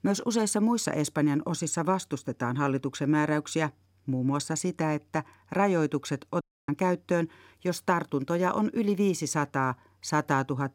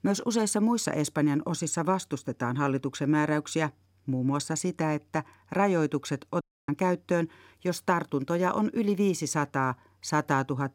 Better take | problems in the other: neither | audio cutting out; at 6.5 s; the same in both

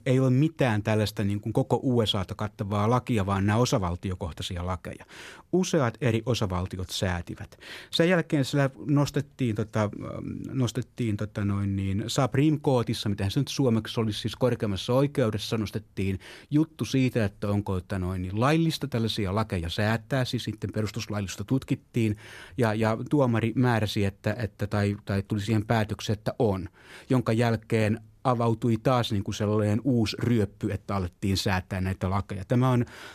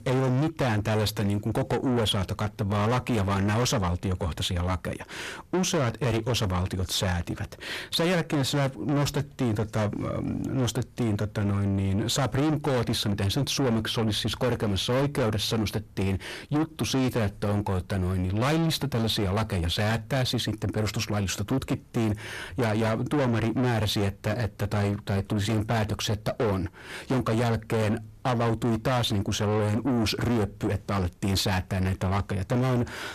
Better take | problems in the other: first | distortion; heavy; 6 dB below the speech

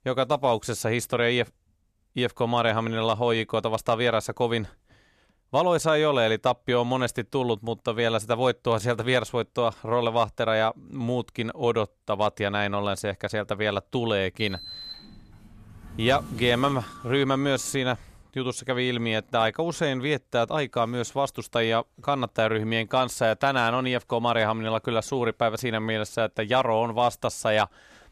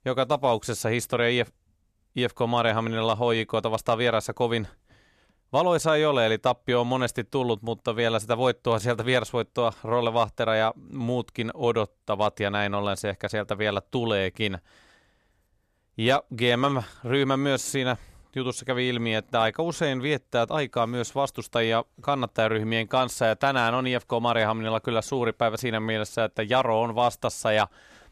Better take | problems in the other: second | door banging; faint; from 14 to 18 s; peak 10 dB below the speech

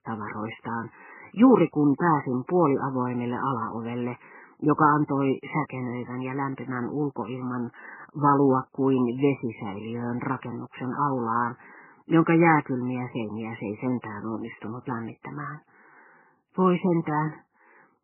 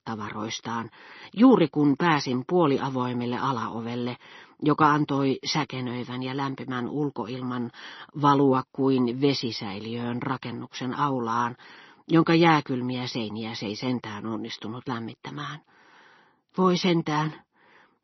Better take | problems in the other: second | garbled, watery; badly; nothing above 3 kHz; slightly in the second

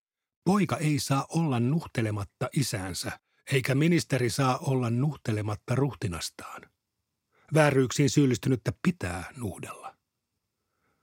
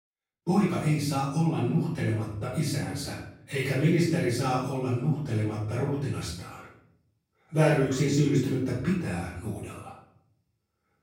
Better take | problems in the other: first | room echo; noticeable; dies away in 0.6 s // off-mic speech; far

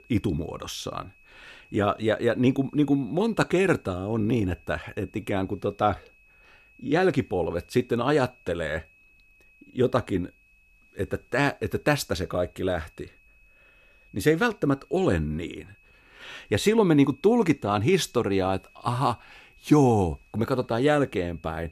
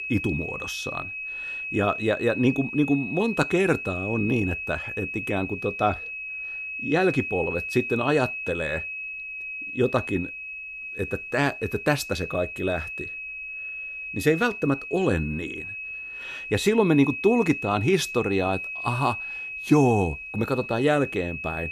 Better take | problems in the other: first | high-pitched whine; loud; throughout; 2.5 kHz, 7 dB below the speech; faint in the first

